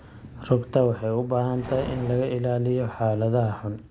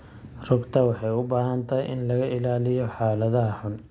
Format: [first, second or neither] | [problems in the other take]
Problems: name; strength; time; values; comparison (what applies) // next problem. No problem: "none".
second | background sound (Livestock, farm animals, working animals); 18 dB below the speech